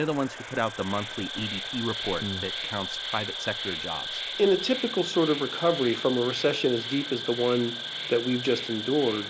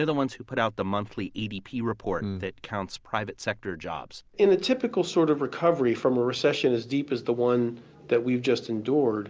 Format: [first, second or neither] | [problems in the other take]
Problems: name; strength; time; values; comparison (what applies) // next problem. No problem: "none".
second | background sound (Insect); 7 dB below the speech